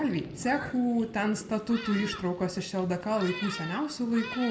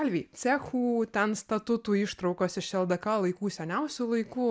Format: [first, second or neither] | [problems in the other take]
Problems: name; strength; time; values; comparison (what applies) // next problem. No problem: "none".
second | background sound (Thunderstorm); 12 dB below the speech // room echo; dies away in 1 s